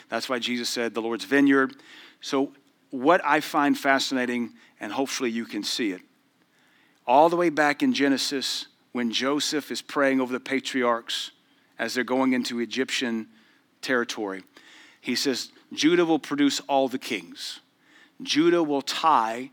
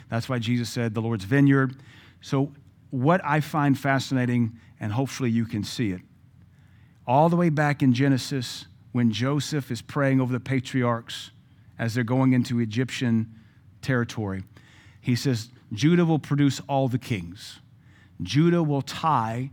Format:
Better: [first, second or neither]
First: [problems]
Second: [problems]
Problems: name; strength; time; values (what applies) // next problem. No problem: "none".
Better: second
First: thin; very slightly; fading below 300 Hz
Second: none